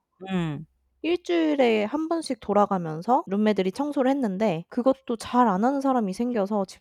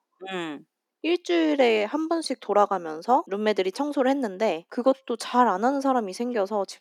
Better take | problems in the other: first | thin; very slightly; fading below 250 Hz

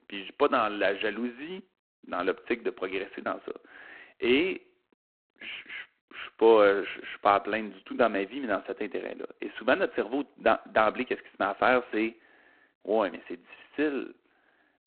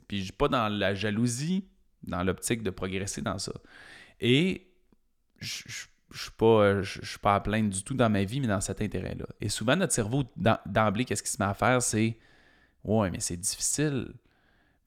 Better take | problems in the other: second | phone-call audio; poor line

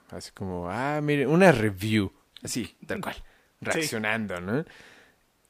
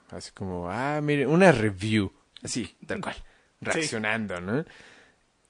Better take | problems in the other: first | garbled, watery; slightly; nothing above 9 kHz

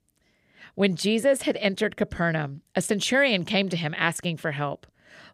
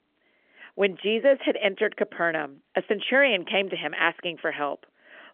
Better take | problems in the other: first | phone-call audio; nothing above 3.5 kHz

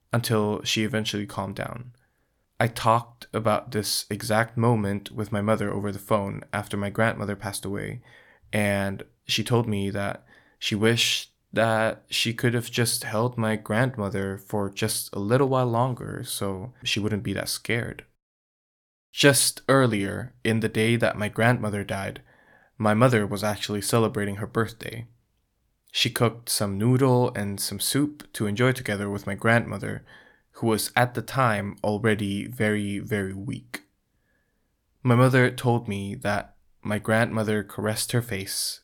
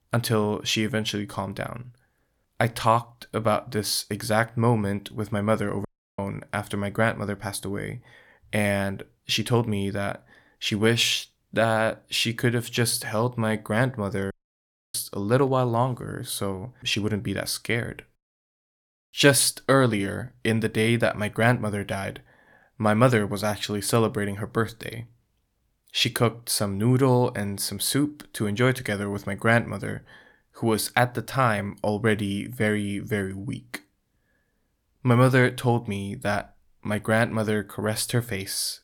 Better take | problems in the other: first | audio cutting out; at 6 s and at 14 s for 0.5 s

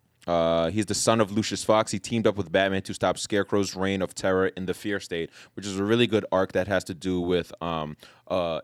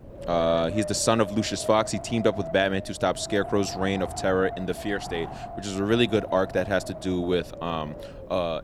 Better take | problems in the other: first | wind noise on the microphone; occasional gusts; 10 dB below the speech

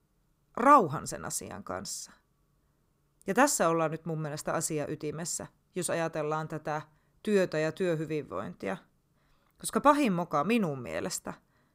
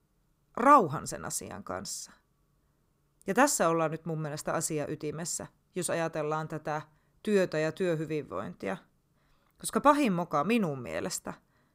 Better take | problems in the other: neither | none

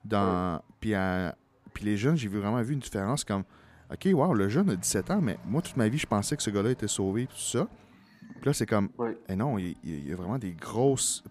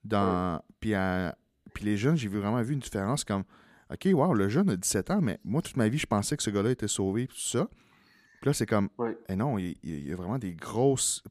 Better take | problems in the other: second | traffic noise; faint; throughout; 25 dB below the speech

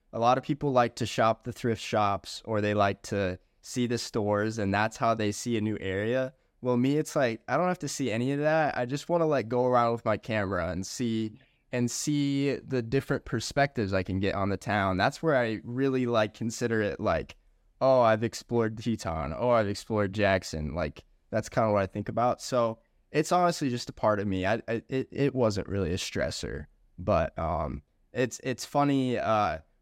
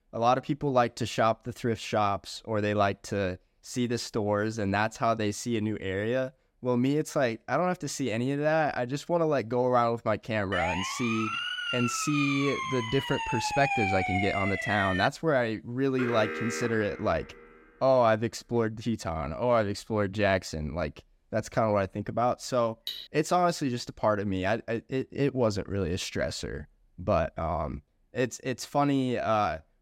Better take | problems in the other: first | siren; loud; from 11 to 15 s; peak 1 dB above the speech // alarm; noticeable; from 16 to 18 s; peak 5 dB below the speech // clattering dishes; noticeable; at 23 s; peak 8 dB below the speech

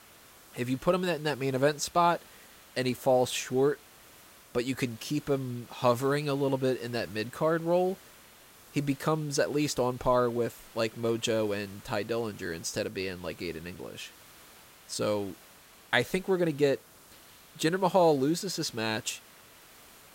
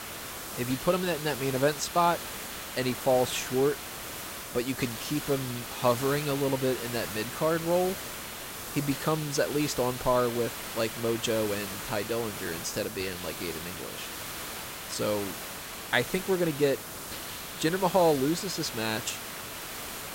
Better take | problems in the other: first | hiss; loud; throughout; 7 dB below the speech; faint in the first

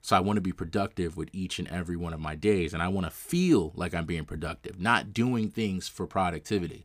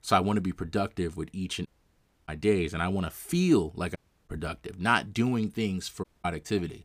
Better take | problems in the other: first | audio cutting out; at 1.5 s for 0.5 s, at 4 s and at 6 s

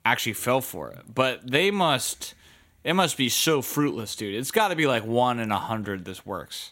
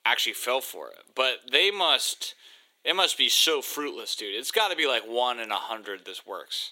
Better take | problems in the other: first | thin; somewhat; fading below 400 Hz

